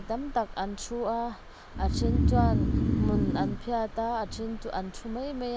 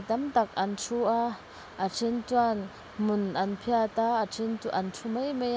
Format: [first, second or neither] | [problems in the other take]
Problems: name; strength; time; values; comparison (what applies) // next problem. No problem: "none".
second | background sound (Breathing); 2 dB above the speech